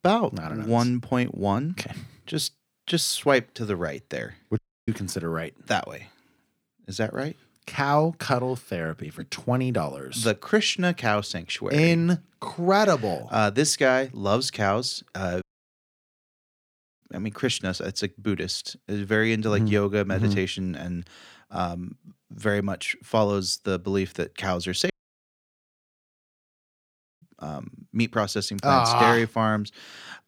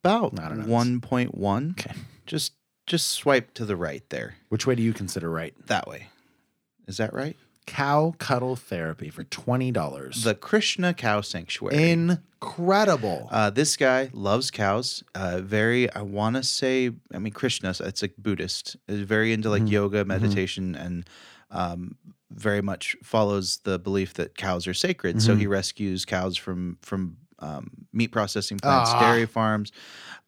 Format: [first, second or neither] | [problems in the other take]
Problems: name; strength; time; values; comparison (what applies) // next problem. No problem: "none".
second | audio cutting out; at 4.5 s, at 15 s for 1.5 s and at 25 s for 2.5 s